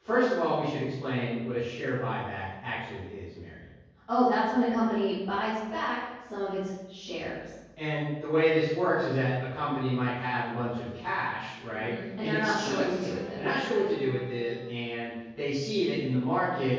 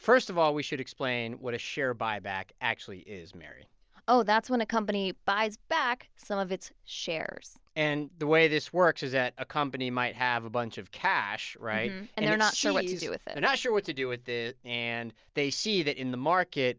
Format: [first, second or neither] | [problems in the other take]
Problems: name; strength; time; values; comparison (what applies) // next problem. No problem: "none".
second | background sound (Guitar); 14 dB below the speech // room echo; dies away in 1.3 s